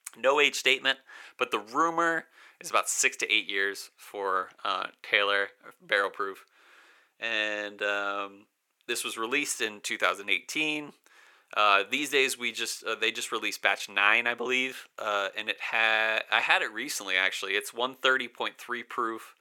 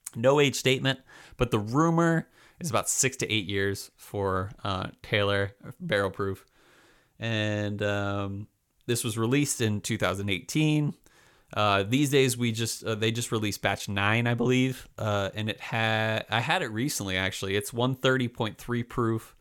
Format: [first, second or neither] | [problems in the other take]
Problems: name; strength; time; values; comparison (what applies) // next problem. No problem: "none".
second | thin; very; fading below 350 Hz